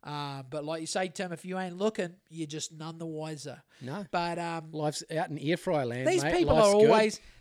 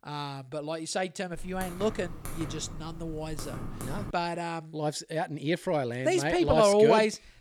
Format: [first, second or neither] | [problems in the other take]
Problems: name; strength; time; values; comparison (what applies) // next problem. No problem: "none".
first | keyboard typing; faint; from 1.5 to 4 s; peak 10 dB below the speech